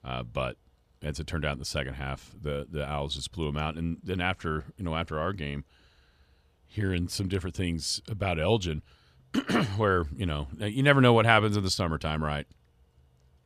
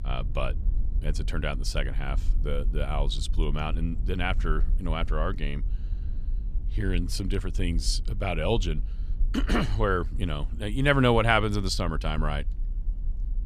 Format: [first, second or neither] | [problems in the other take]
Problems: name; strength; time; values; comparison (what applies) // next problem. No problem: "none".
first | low rumble; faint; throughout; 25 dB below the speech